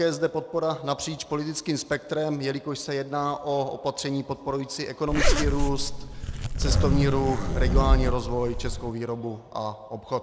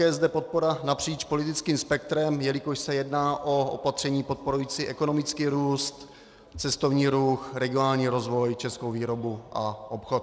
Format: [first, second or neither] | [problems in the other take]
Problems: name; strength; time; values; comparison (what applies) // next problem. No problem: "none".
second | background sound (Zipper (clothing)); 5 dB above the speech